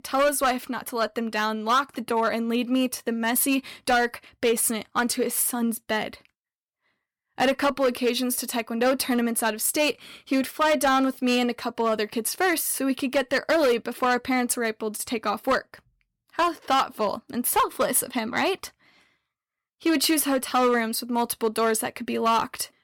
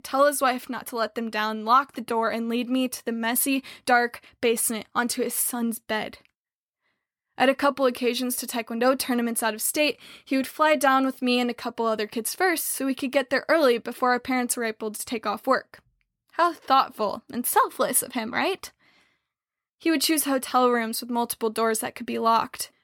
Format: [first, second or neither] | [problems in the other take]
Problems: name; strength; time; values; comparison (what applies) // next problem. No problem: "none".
second | distortion; slight; 5% of the sound clipped